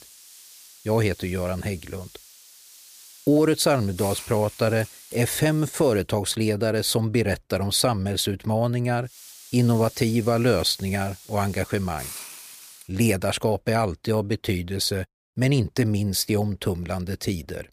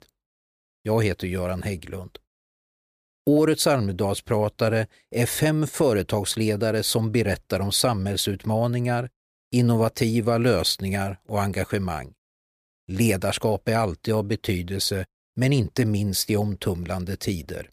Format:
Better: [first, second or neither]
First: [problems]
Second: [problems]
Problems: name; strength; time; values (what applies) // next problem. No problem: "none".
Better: second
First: hiss; noticeable; until 6 s and from 9 to 13 s; 20 dB below the speech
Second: none